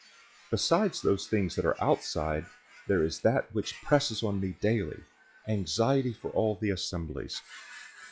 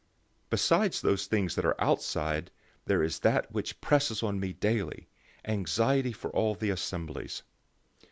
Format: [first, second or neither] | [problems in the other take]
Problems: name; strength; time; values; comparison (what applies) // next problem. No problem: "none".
second | noise reduction (classical method log-MMSE)